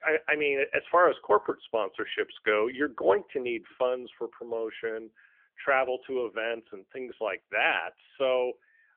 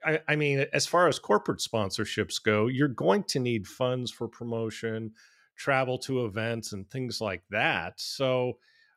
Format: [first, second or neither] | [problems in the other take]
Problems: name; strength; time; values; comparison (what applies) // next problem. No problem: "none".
second | phone-call audio; nothing above 3 kHz